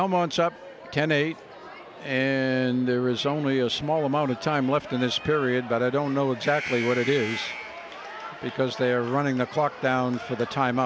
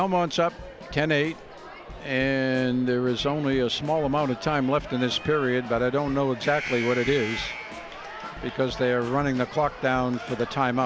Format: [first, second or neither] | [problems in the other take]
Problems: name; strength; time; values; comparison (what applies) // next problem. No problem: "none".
first | background sound (Snare drum / Drum kit); 20 dB below the speech